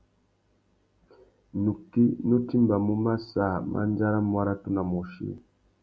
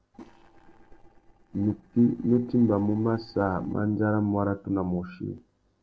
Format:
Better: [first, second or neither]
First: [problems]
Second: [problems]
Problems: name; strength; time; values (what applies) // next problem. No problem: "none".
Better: first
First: none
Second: noise reduction (neural separator model SepFormer DNS4)